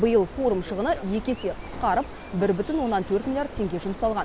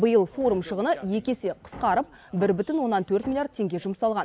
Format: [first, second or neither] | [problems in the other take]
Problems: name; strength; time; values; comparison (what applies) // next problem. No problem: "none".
second | background sound (Bird); 12 dB below the speech